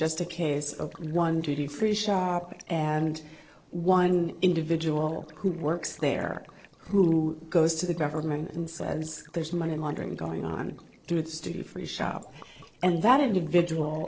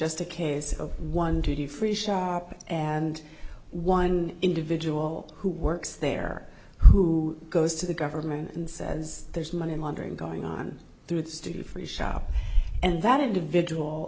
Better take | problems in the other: second | noise reduction (neural separator model SepFormer DNS4)

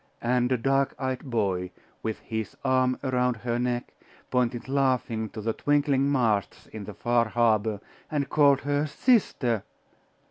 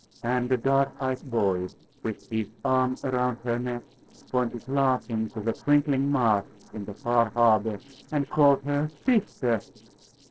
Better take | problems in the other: first | noise reduction (neural separator model SepFormer DNS4)

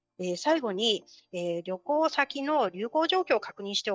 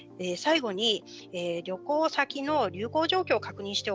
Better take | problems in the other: second | noise reduction (neural mask model DeepFilterNet 3)

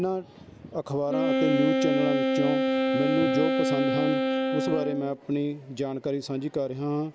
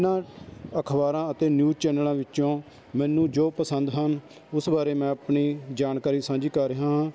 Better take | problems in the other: second | background sound (Wind instrument, woodwind instrument); 2 dB above the speech

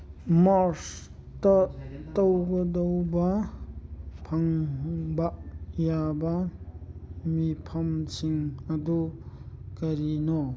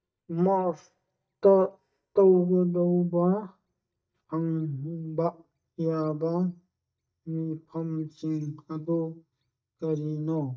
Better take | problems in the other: first | noise reduction (neural mask model DeepFilterNet 3)

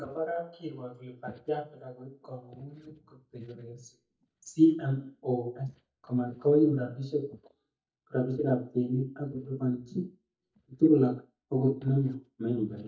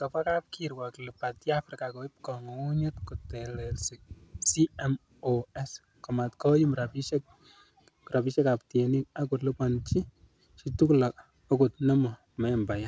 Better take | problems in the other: second | noise reduction (neural mask model DeepFilterNet 3)

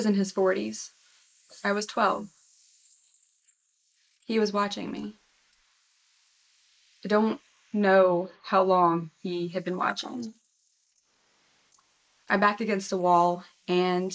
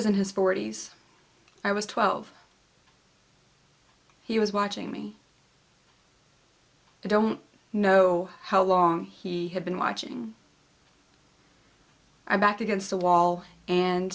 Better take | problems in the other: second | noise reduction (neural mask model Resemble Enhance denoiser)

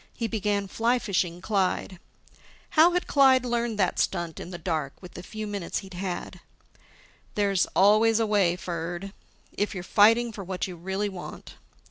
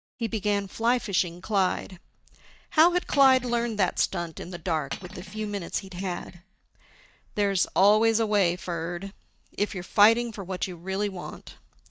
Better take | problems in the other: first | noise reduction (neural mask model DeepFilterNet 3)

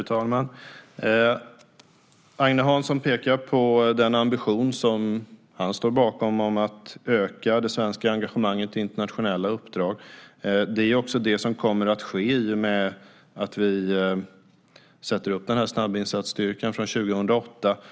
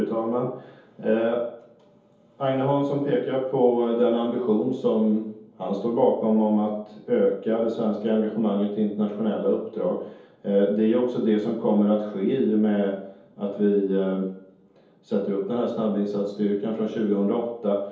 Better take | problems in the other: first | room echo; dies away in 0.7 s

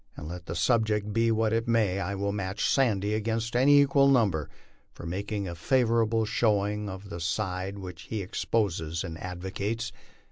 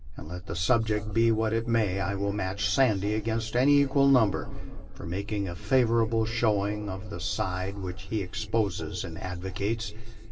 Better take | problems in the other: first | background sound (Bark); 10 dB below the speech // room echo; dies away in 2.4 s

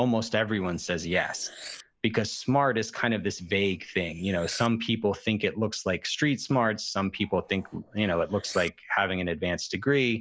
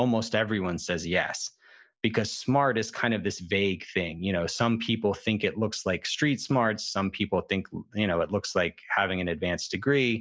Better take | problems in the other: second | noise reduction (neural mask model Resemble Enhance denoiser)

